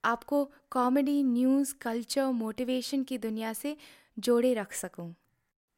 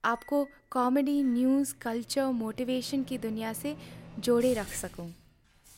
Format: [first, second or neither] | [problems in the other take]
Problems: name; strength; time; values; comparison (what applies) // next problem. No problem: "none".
first | household noises; noticeable; throughout; 20 dB below the speech